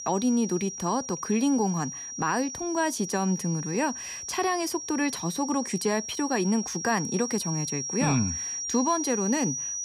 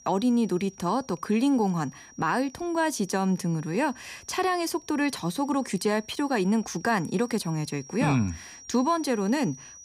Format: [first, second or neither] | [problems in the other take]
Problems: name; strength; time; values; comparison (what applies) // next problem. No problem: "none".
second | high-pitched whine; loud; throughout; 5.5 kHz, 5 dB below the speech; faint in the second